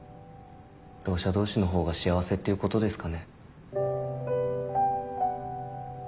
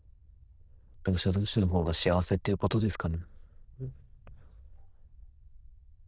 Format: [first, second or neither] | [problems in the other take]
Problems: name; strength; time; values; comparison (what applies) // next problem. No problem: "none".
first | noise reduction (neural diffusion model UNIVERSE++)